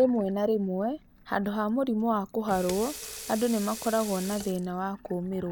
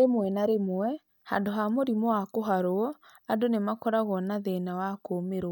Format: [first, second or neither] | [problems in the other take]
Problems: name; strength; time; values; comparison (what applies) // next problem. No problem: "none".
second | background sound (Sink (filling or washing) / Water tap, faucet); 16 dB below the speech